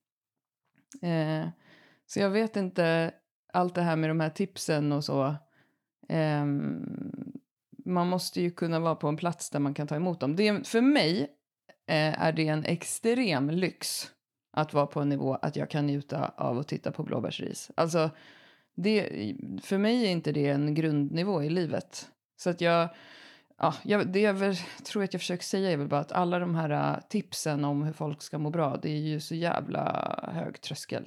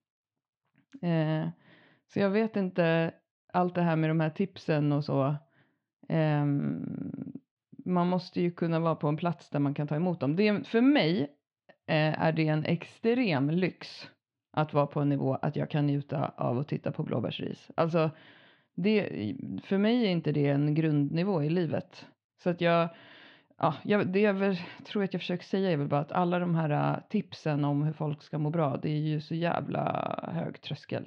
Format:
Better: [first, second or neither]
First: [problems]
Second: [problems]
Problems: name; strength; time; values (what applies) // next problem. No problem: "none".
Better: first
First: none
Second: muffled; slightly; fading above 3.5 kHz